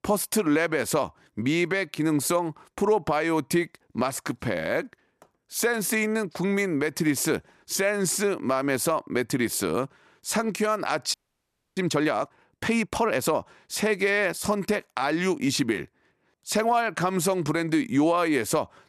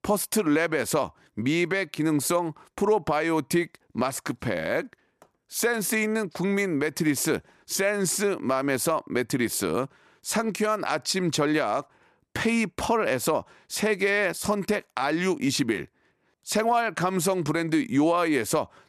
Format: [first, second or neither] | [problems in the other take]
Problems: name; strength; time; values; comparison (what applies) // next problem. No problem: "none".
second | audio freezing; at 11 s for 0.5 s